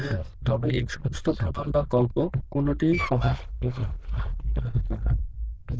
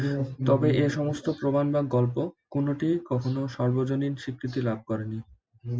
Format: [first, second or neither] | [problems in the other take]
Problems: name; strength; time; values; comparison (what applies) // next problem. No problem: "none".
second | noise reduction (neural diffusion model UNIVERSE++)